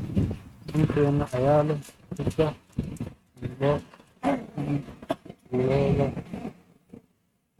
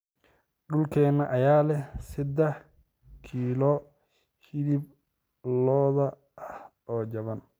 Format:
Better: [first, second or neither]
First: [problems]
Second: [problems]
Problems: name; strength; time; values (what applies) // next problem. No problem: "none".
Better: second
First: noise reduction (neural mask model RNNoise)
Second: none